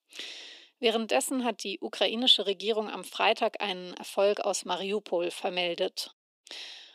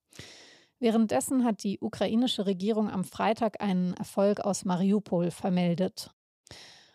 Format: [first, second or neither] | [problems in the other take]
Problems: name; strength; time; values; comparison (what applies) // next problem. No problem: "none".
second | thin; somewhat; fading below 300 Hz